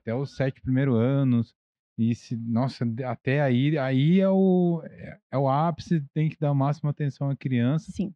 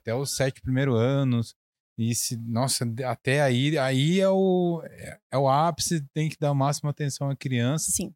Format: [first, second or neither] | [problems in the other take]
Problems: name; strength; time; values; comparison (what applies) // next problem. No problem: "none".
second | muffled; very; fading above 3 kHz